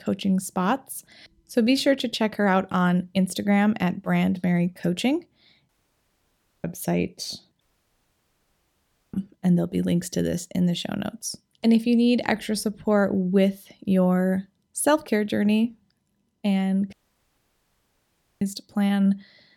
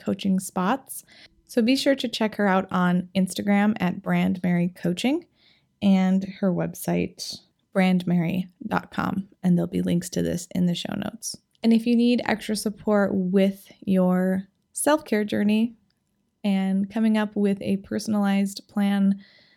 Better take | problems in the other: second | audio cutting out; at 5.5 s for 1 s, at 7.5 s for 1.5 s and at 17 s for 1.5 s

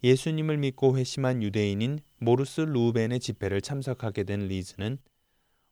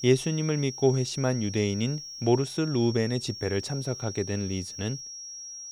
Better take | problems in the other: first | high-pitched whine; loud; throughout; 5.5 kHz, 10 dB below the speech

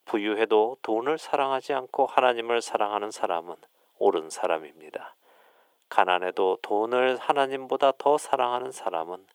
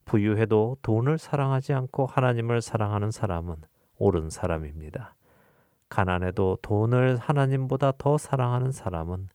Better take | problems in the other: second | thin; very; fading below 350 Hz

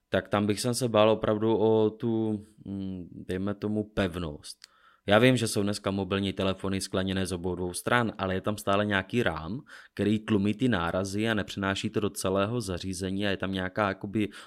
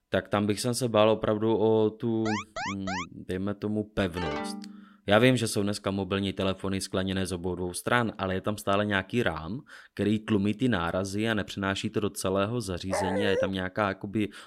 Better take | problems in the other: first | alarm; noticeable; at 2.5 s; peak 5 dB below the speech // phone ringing; noticeable; at 4 s; peak 6 dB below the speech // dog barking; noticeable; at 13 s; peak 1 dB below the speech

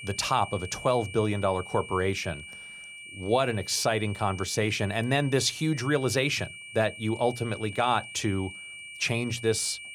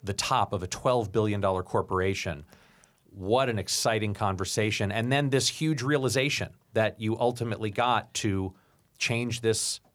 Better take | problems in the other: second | high-pitched whine; noticeable; throughout; 2.5 kHz, 15 dB below the speech

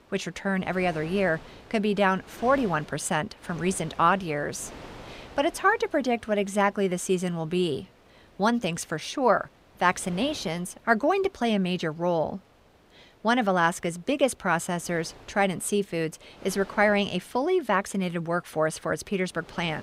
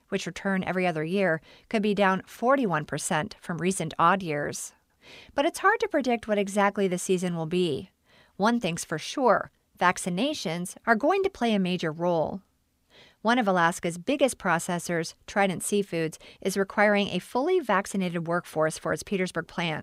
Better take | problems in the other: second | wind noise on the microphone; occasional gusts; 25 dB below the speech

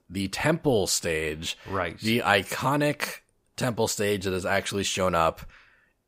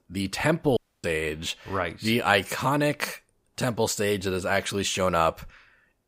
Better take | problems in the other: first | audio cutting out; at 1 s

